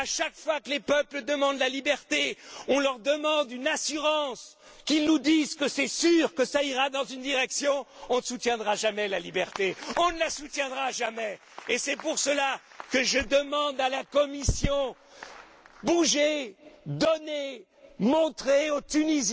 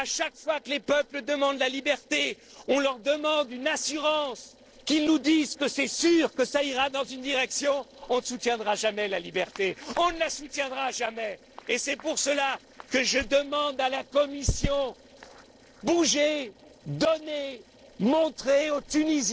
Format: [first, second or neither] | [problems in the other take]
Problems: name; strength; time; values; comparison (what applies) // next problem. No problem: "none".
first | noise reduction (neural separator model SepFormer DNS4)